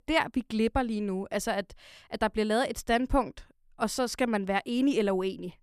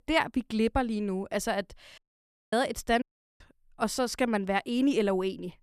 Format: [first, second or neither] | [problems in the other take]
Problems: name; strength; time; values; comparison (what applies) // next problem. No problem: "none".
first | audio cutting out; at 2 s for 0.5 s and at 3 s